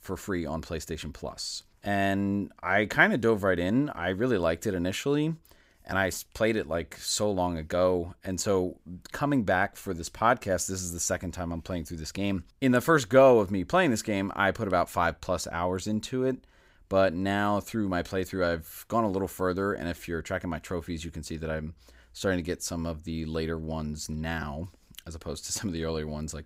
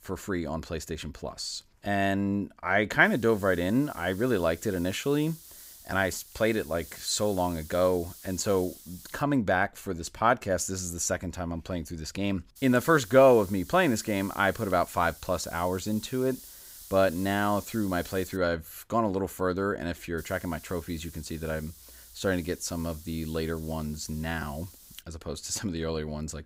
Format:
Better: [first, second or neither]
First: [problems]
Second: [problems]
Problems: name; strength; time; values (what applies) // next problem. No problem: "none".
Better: first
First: none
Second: hiss; noticeable; from 3 to 9 s, from 13 to 18 s and from 20 to 25 s; 20 dB below the speech